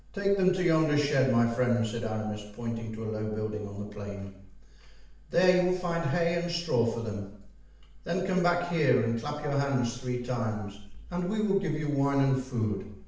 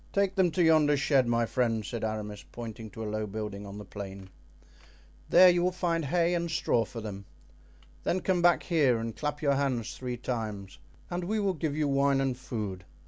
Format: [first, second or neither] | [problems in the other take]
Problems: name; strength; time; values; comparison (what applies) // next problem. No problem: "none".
second | room echo; dies away in 0.7 s